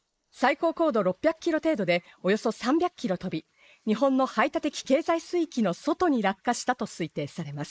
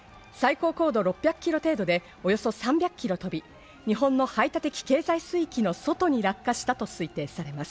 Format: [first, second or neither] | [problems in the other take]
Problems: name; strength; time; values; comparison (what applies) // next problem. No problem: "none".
second | noise reduction (neural mask model Resemble Enhance denoiser)